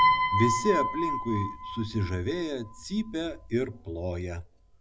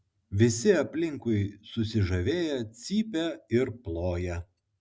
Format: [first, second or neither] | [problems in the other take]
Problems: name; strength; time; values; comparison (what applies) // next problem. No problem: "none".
second | background sound (Piano); as loud as the speech